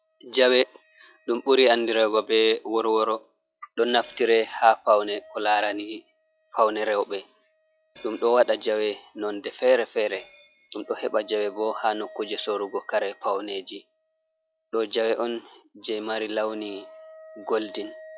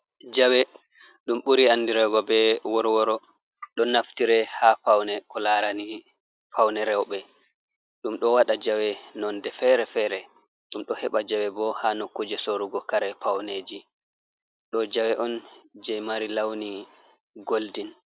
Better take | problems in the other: second | noise reduction (classical method log-MMSE)

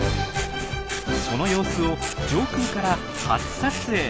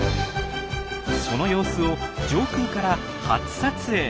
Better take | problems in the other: second | background sound (Scissors); 11 dB below the speech

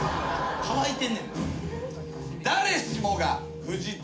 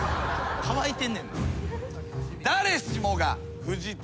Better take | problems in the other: second | room echo; dies away in 0.4 s

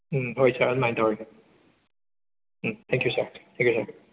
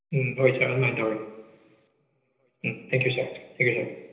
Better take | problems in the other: first | room echo; dies away in 1.4 s

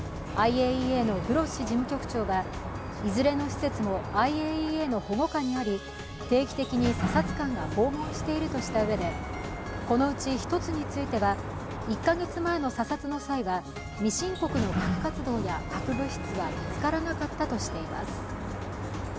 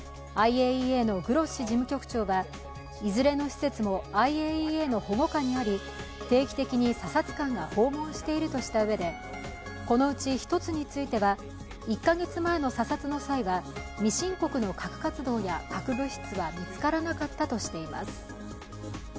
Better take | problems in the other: second | background sound (Sliding door); 6 dB below the speech

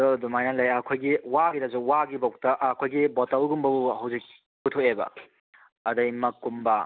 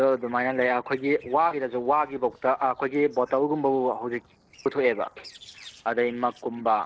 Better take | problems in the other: first | noise reduction (neural separator model SepFormer DNS4)

